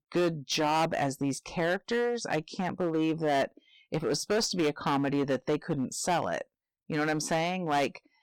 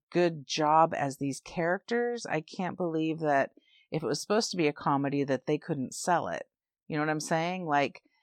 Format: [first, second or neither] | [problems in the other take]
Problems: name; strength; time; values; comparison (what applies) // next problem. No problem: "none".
second | distortion; heavy; 10% of the sound clipped